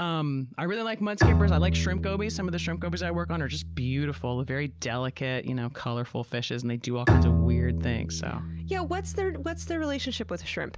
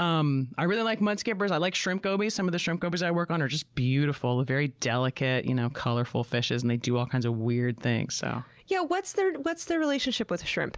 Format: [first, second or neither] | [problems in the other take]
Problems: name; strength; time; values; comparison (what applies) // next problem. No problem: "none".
second | background sound (Bowed string instrument); 1 dB above the speech